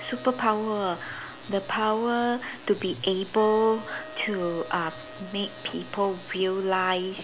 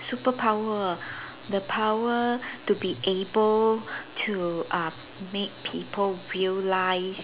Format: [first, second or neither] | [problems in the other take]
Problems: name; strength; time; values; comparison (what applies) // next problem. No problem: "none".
second | background sound (Wind instrument, woodwind instrument); 19 dB below the speech